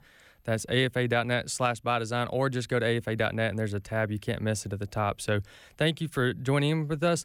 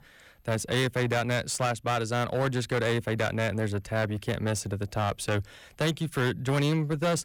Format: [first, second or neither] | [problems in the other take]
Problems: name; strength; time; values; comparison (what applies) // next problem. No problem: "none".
first | distortion; slight; 15% of the sound clipped